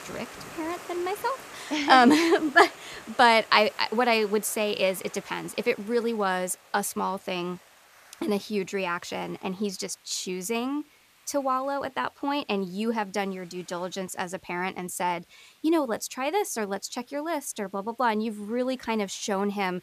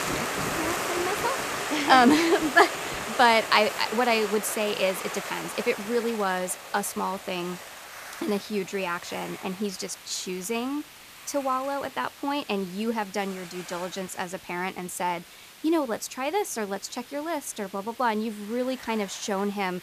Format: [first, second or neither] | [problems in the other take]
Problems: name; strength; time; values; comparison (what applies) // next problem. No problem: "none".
first | hiss; loud; throughout; 7 dB below the speech; faint in the first